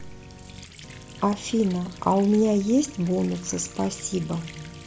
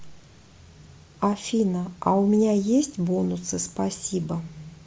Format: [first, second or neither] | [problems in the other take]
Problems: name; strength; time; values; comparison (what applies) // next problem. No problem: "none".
second | background sound (Water tap, faucet + Organ); 18 dB below the speech